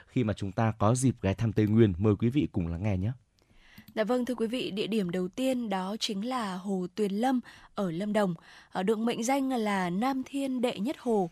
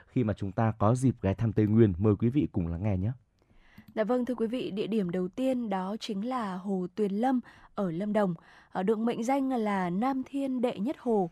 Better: first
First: none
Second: muffled; slightly; fading above 2 kHz

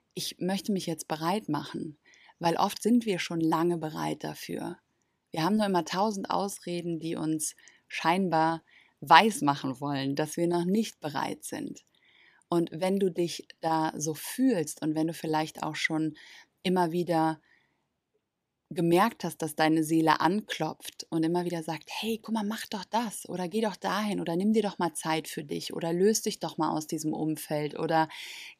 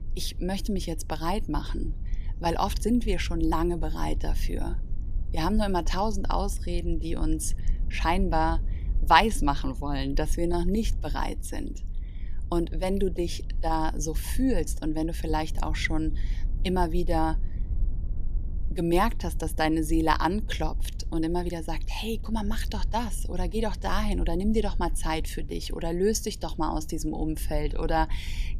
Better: first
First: none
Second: low rumble; faint; throughout; 25 dB below the speech

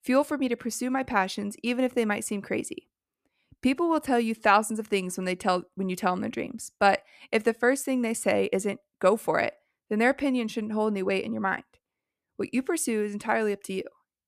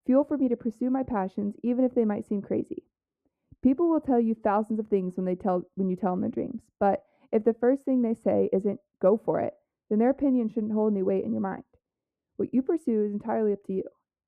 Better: first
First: none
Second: muffled; very; fading above 1.5 kHz

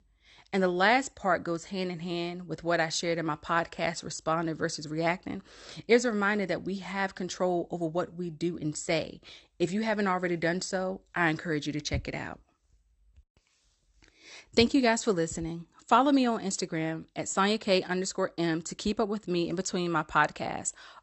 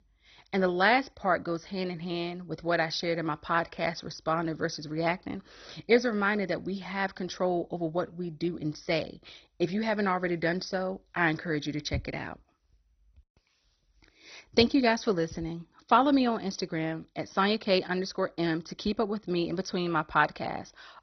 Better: first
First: garbled, watery; slightly; nothing above 8 kHz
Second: garbled, watery; badly; nothing above 6 kHz

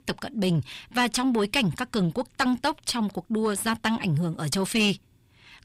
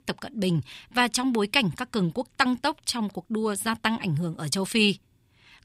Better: second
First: distortion; slight; 10 dB below the speech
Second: none

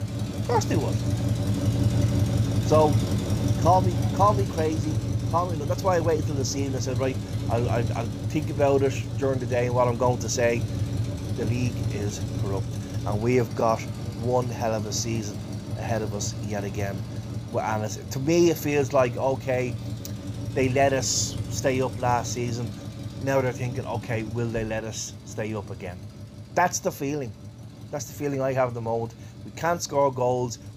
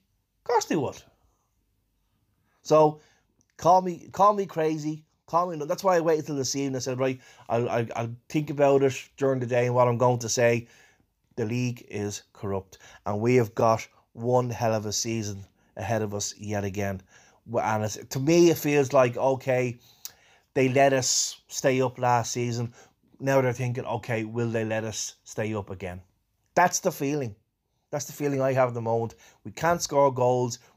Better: second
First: traffic noise; loud; throughout; 3 dB below the speech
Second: none

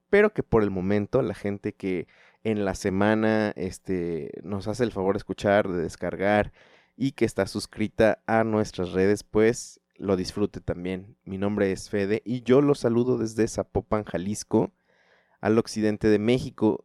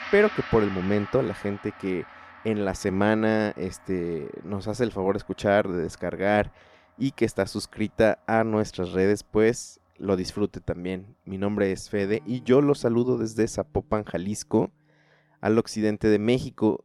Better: first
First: none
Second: background music; noticeable; throughout; 20 dB below the speech

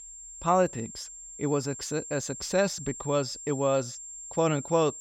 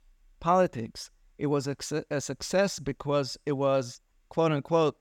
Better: second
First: high-pitched whine; noticeable; throughout; 7.5 kHz, 10 dB below the speech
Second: none

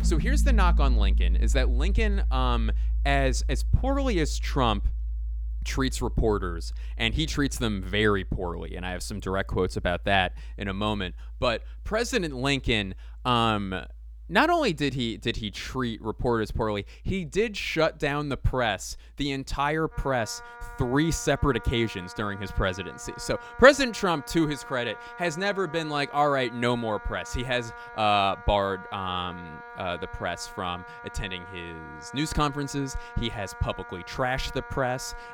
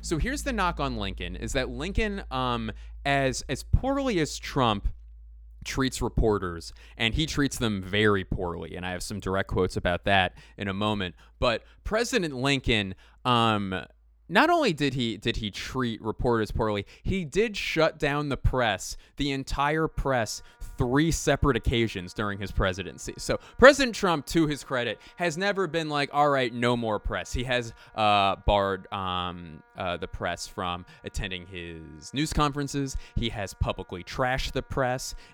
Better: second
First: background music; loud; throughout; 7 dB below the speech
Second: background music; faint; throughout; 25 dB below the speech

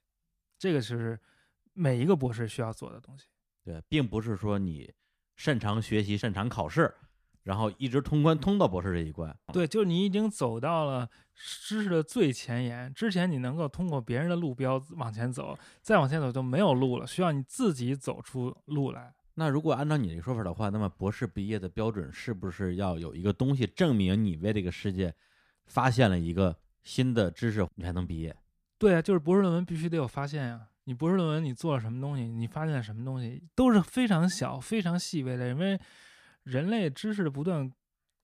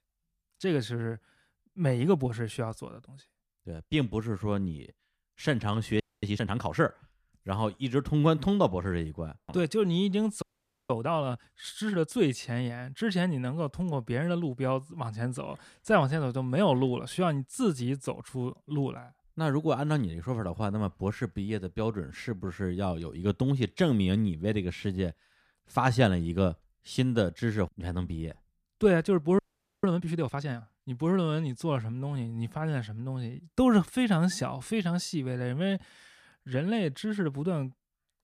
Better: first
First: none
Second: audio freezing; at 6 s, at 10 s and at 29 s

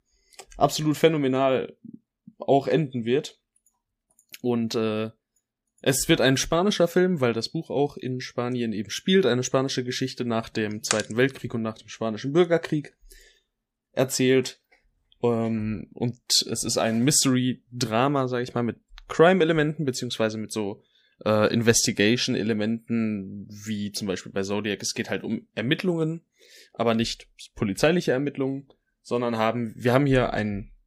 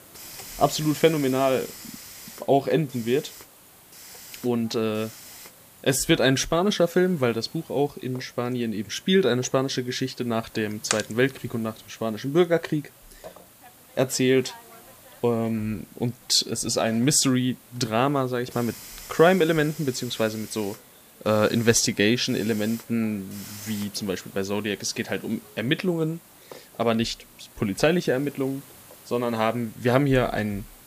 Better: first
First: none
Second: hiss; noticeable; throughout; 20 dB below the speech

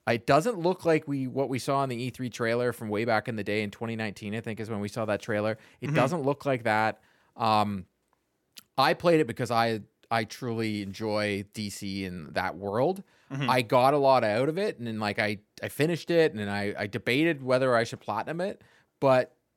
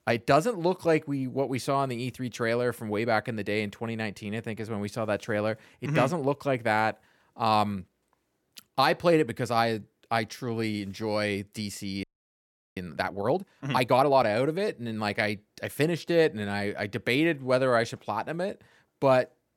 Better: first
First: none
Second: audio freezing; at 12 s for 0.5 s

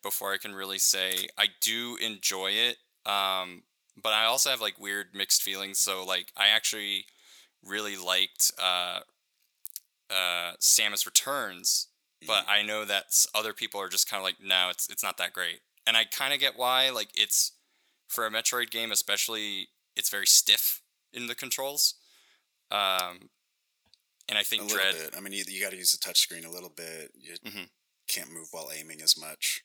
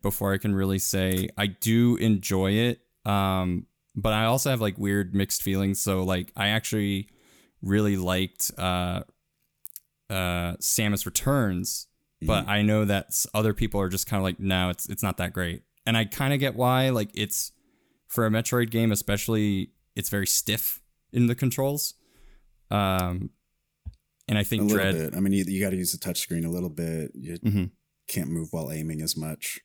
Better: second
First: thin; very; fading below 750 Hz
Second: none

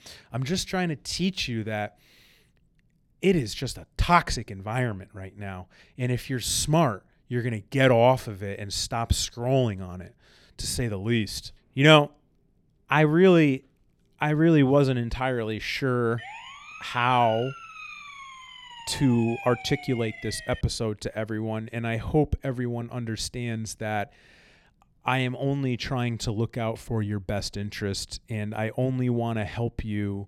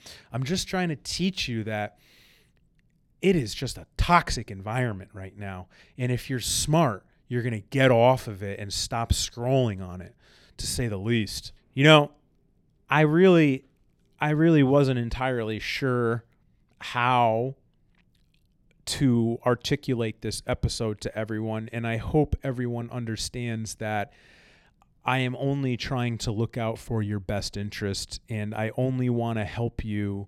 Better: second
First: siren; faint; from 16 to 21 s; peak 10 dB below the speech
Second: none

